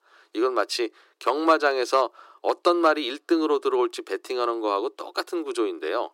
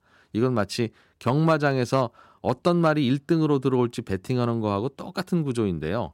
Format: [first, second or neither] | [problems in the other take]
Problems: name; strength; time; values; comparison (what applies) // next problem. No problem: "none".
second | thin; very; fading below 300 Hz